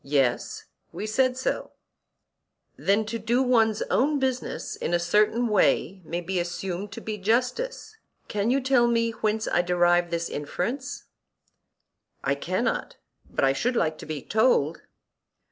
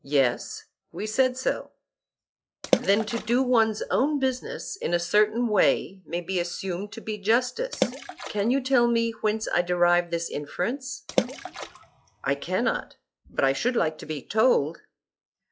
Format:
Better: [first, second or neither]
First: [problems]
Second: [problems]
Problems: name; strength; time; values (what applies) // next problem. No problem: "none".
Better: first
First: none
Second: noise reduction (classical method log-MMSE)